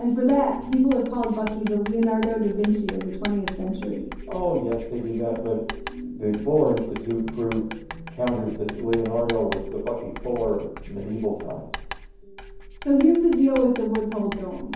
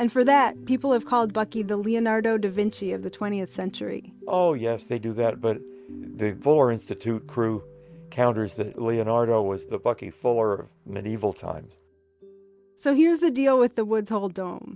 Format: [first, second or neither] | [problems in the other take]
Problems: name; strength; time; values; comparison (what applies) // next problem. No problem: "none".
second | background sound (Writing); 13 dB below the speech // room echo; dies away in 0.9 s